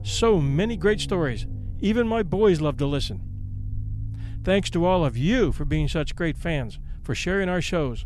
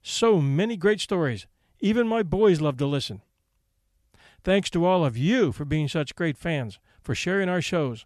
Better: second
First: low rumble; faint; throughout; 25 dB below the speech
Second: none

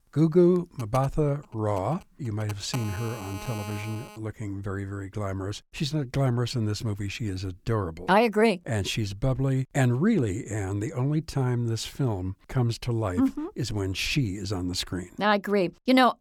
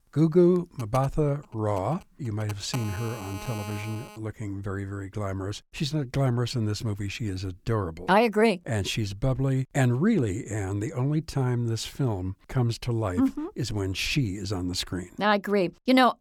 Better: neither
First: phone ringing; faint; from 0.5 to 4 s; peak 10 dB below the speech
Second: phone ringing; faint; from 0.5 to 4 s; peak 10 dB below the speech

